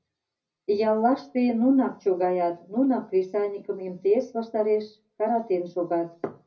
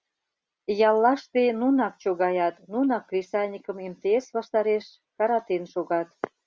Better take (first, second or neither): second